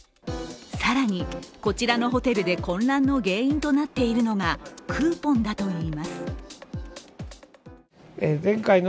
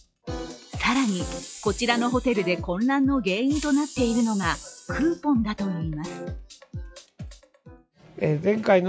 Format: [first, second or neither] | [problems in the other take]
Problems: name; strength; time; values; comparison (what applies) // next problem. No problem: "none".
first | noise reduction (classical method log-MMSE)